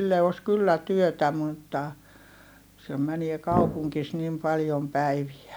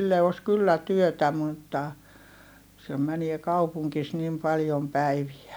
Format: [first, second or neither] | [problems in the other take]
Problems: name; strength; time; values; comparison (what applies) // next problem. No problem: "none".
second | background sound (Brass instrument); 3 dB below the speech